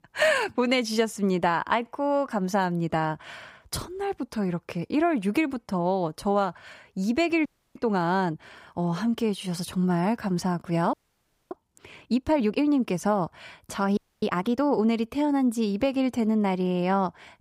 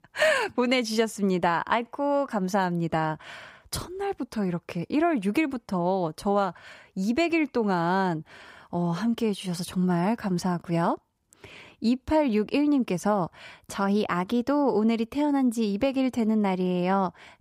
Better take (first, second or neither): second